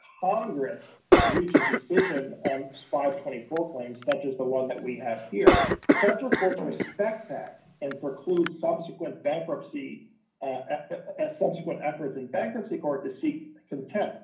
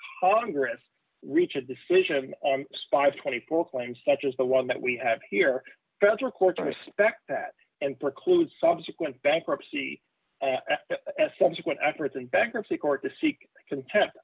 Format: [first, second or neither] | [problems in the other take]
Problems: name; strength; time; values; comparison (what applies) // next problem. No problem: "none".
second | background sound (Cough); 3 dB above the speech // room echo; dies away in 0.6 s